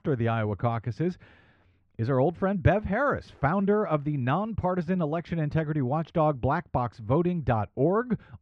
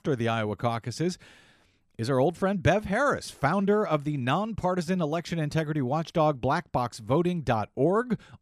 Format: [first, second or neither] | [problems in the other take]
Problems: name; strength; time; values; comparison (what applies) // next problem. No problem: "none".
second | muffled; very; fading above 2 kHz